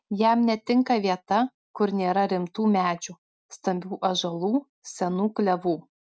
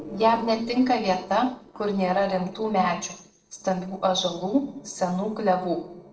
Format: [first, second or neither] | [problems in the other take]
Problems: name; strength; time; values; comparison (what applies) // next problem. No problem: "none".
first | noise reduction (neural separator model SepFormer DNS4)